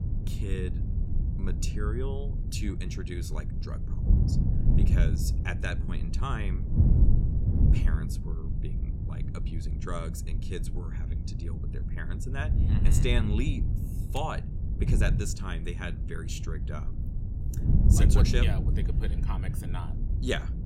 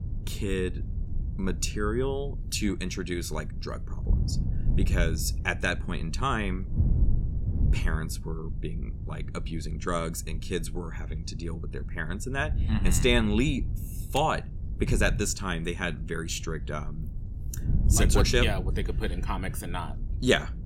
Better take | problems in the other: second | wind noise on the microphone; heavy; 5 dB below the speech; occasional gusts in the second

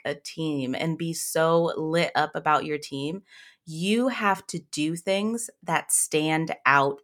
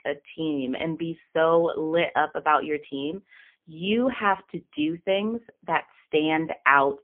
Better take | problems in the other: first | phone-call audio; poor line; nothing above 3.5 kHz

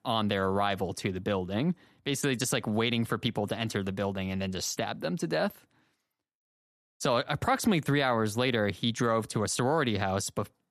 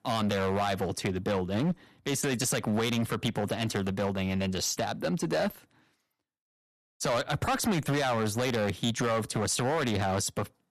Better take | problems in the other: first | distortion; heavy; 11% of the sound clipped

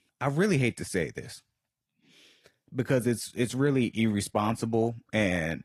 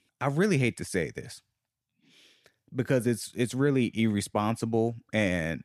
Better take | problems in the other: second | garbled, watery; slightly

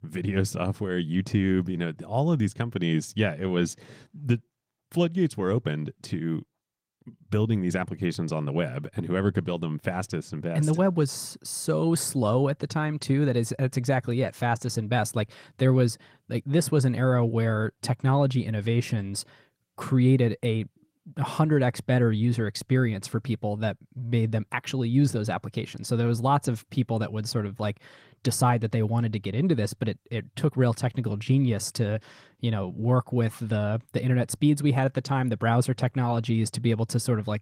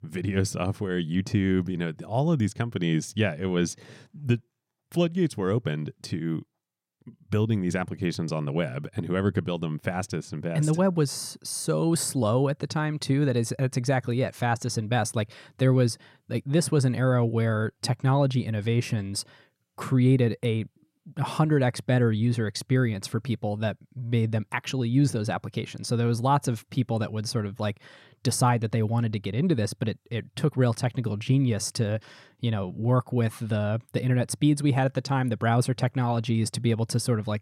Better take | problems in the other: second | garbled, watery; slightly; nothing above 16 kHz

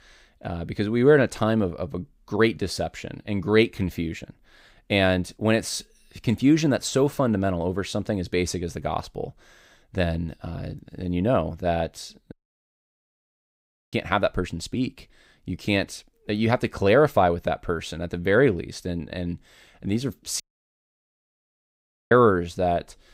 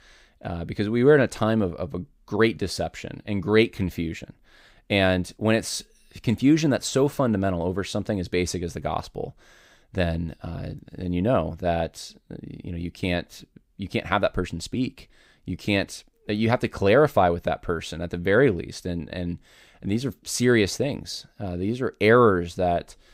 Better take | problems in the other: second | audio cutting out; at 12 s for 1.5 s and at 20 s for 1.5 s

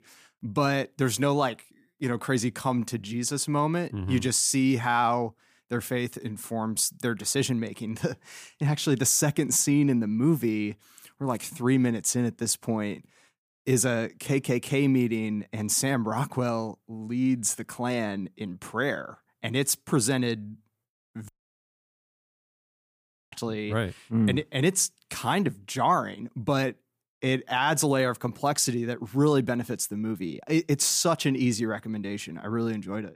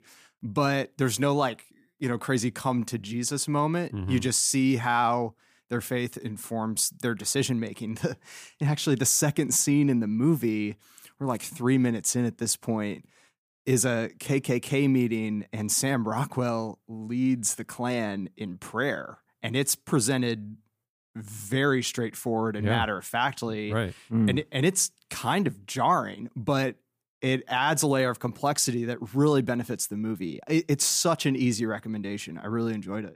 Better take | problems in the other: second | audio cutting out; at 21 s for 2 s

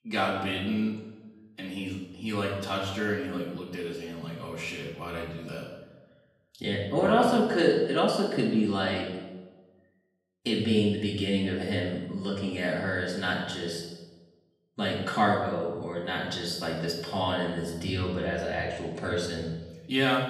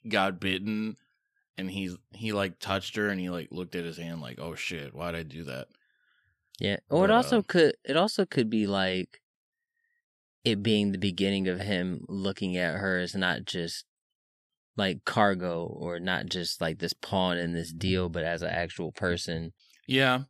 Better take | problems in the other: second | off-mic speech; far // room echo; noticeable; dies away in 0.9 s

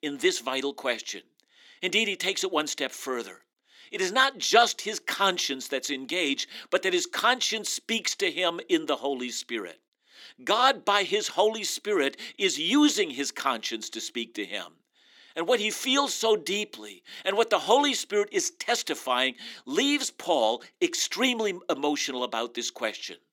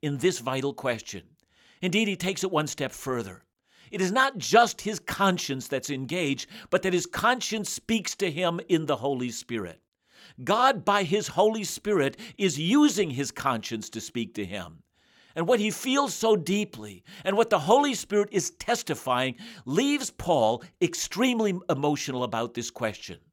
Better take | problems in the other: second | thin; very slightly; fading below 300 Hz

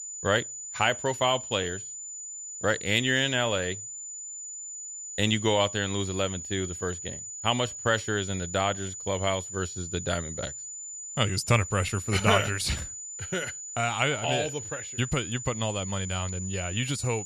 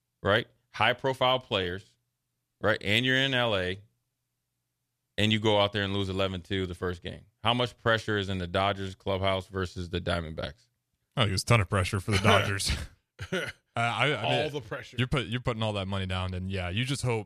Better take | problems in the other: second | high-pitched whine; loud; throughout; 7 kHz, 8 dB below the speech

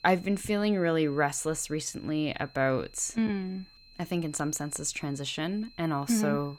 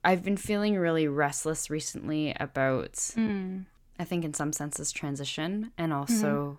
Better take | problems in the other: second | high-pitched whine; faint; throughout; 4 kHz, 25 dB below the speech

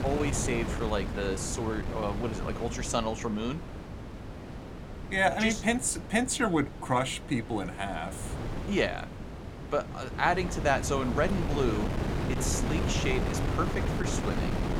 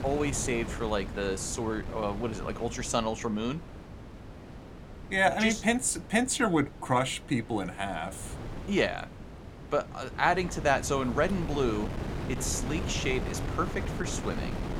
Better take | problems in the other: second | wind noise on the microphone; heavy; 8 dB below the speech; occasional gusts in the second

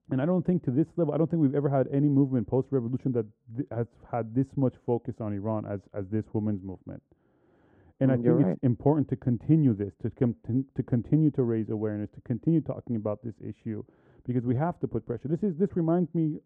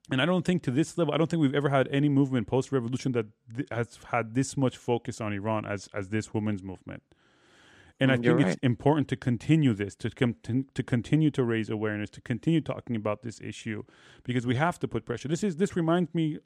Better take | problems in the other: second | muffled; very; fading above 1.5 kHz

